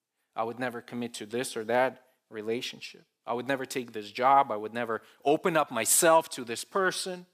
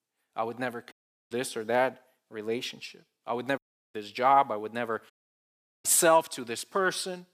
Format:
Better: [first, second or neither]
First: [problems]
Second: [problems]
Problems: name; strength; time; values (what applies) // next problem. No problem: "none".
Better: first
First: none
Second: audio cutting out; at 1 s, at 3.5 s and at 5 s for 0.5 s